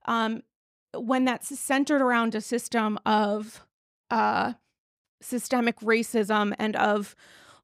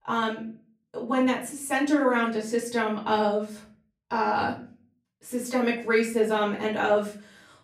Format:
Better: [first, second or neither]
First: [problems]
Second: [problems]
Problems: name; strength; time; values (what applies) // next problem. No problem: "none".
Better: first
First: none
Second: off-mic speech; far // room echo; slight; dies away in 0.4 s